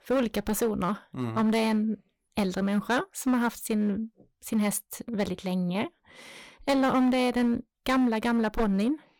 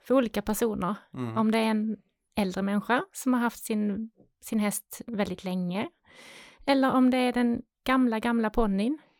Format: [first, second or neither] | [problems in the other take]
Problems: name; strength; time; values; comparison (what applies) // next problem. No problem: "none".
second | distortion; slight; 9% of the sound clipped